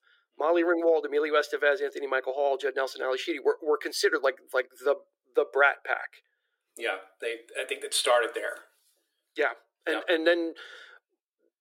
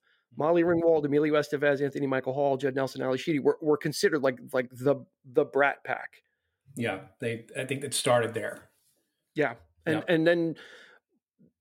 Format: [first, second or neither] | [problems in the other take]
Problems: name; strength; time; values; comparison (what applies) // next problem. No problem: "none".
second | thin; very; fading below 350 Hz